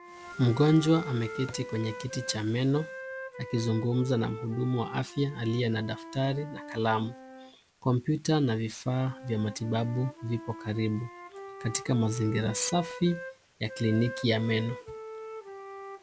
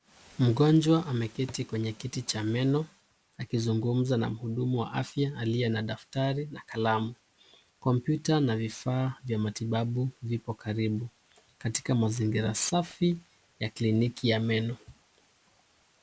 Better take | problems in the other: second | background sound (Organ + Wind instrument, woodwind instrument); 14 dB below the speech

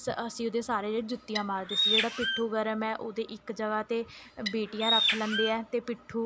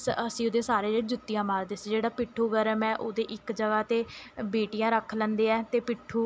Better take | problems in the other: second | background sound (Bird); 1 dB above the speech

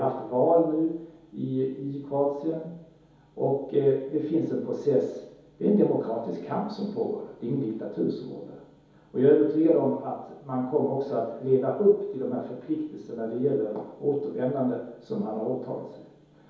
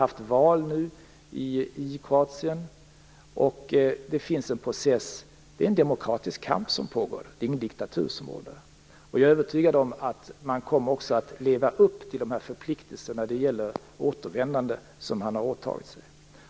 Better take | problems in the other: second | room echo; dies away in 2.2 s

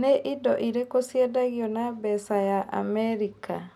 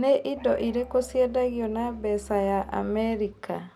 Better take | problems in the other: first | background sound (Musical instrument); 19 dB below the speech

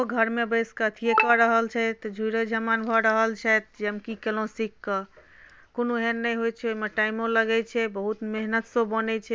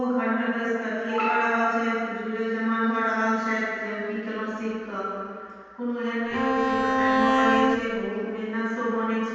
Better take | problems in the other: first | background sound (Bowed string instrument); 3 dB above the speech // room echo; dies away in 2.1 s

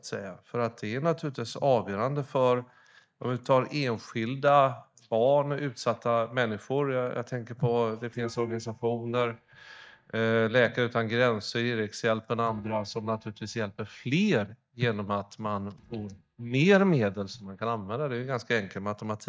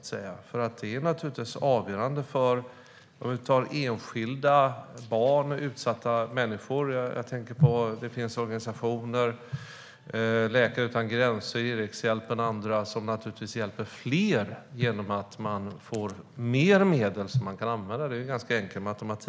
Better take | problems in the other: second | noise reduction (neural mask model DeepFilterNet 3)

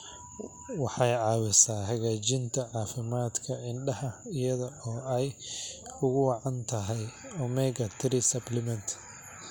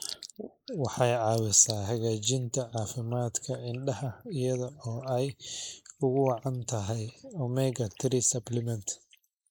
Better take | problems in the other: first | noise reduction (neural mask model Resemble Enhance denoiser)

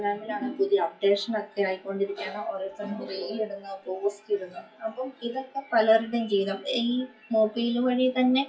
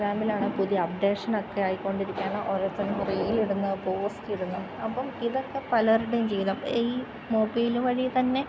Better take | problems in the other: second | noise reduction (classical method WPE with log-MMSE)

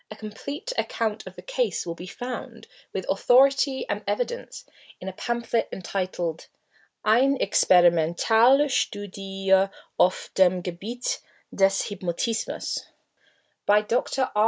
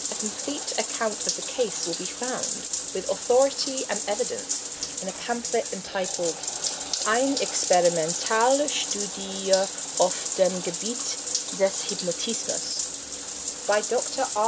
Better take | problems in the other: first | background sound (Bathtub (filling or washing)); 3 dB below the speech

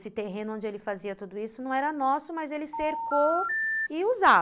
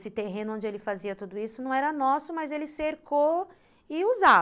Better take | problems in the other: second | background sound (Telephone); 3 dB below the speech

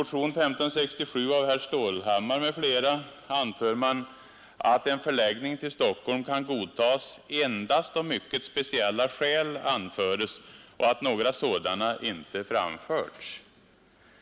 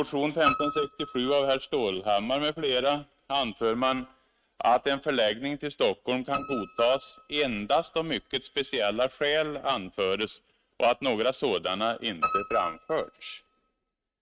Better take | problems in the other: first | noise reduction (neural mask model RNNoise)

